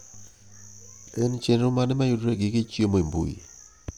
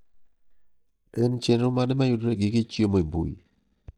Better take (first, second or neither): first